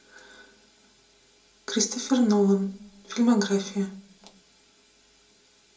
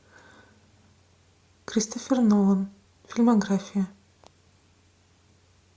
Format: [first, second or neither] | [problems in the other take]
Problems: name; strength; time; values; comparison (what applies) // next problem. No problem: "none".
second | room echo; dies away in 0.2 s